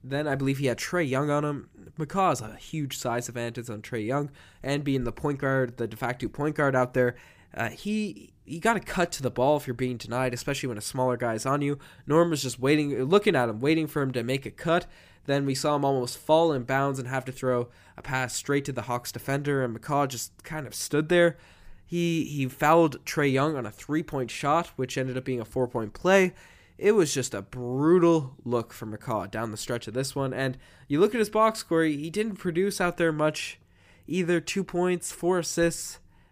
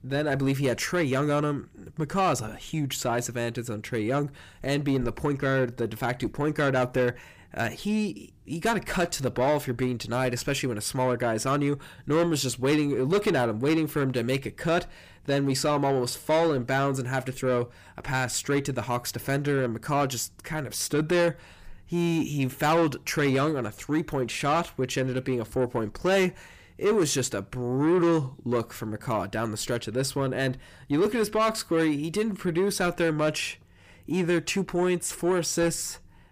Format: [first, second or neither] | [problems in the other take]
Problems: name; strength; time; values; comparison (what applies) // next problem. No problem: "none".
first | distortion; slight; 10 dB below the speech